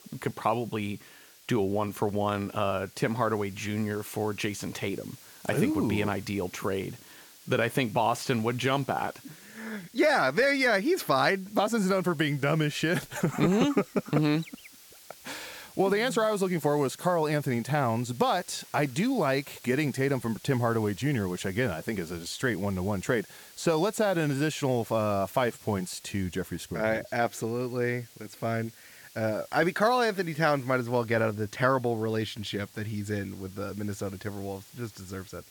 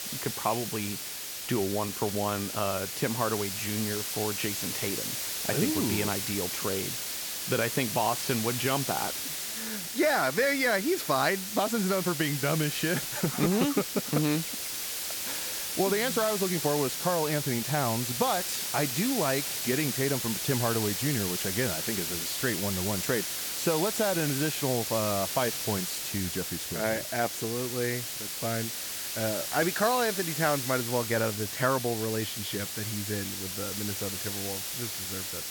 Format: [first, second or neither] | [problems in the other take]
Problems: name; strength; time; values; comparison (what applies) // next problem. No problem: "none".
first | hiss; loud; throughout; 2 dB below the speech; faint in the first